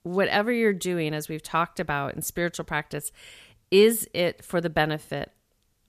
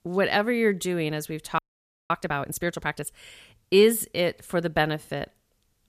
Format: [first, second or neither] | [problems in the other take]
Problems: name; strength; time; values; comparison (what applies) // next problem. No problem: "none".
first | audio freezing; at 1.5 s for 0.5 s